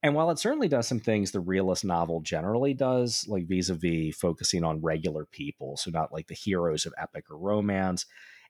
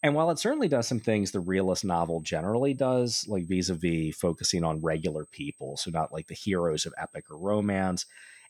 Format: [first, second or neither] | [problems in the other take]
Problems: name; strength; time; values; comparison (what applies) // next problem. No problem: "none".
first | high-pitched whine; faint; throughout; 8.5 kHz, 25 dB below the speech